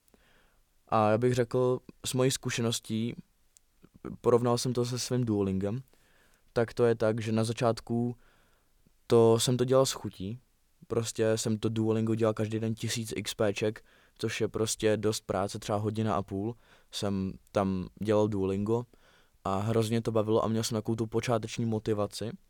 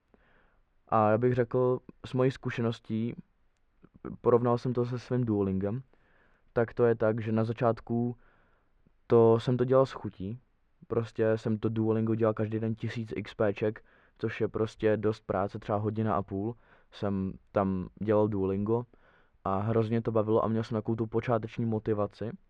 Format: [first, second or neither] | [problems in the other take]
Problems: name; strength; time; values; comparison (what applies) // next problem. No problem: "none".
first | muffled; very; fading above 1.5 kHz